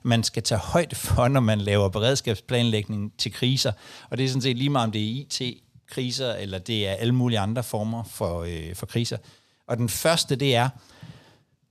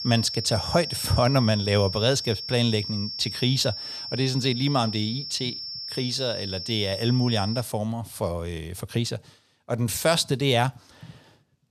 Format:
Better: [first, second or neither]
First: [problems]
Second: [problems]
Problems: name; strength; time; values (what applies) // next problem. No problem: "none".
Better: first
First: none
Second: high-pitched whine; loud; until 7.5 s; 5.5 kHz, 6 dB below the speech